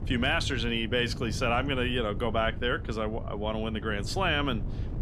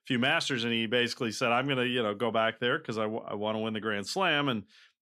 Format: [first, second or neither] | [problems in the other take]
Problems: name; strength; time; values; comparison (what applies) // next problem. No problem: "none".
second | wind noise on the microphone; occasional gusts; 20 dB below the speech